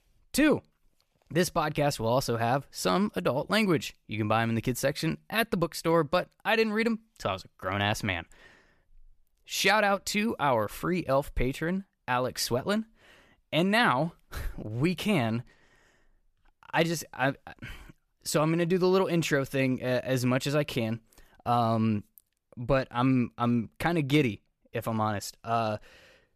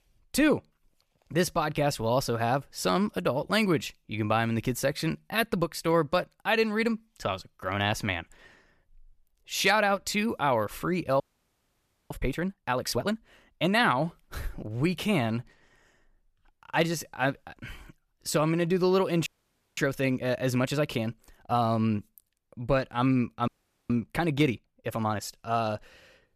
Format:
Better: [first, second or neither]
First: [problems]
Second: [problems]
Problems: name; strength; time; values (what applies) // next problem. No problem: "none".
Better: first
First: none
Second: audio freezing; at 11 s for 1 s, at 19 s for 0.5 s and at 23 s